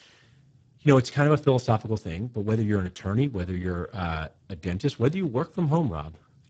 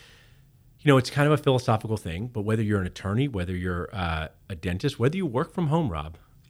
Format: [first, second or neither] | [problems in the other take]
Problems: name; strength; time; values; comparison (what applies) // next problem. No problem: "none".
second | garbled, watery; badly; nothing above 7.5 kHz